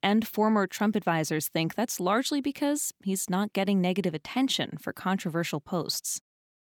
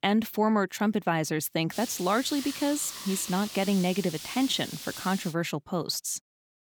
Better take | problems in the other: first | hiss; loud; from 1.5 to 5.5 s; 10 dB below the speech

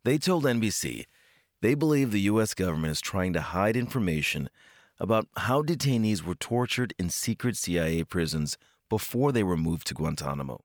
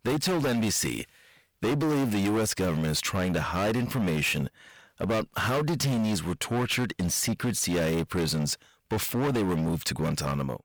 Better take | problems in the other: first | distortion; heavy; 24% of the sound clipped

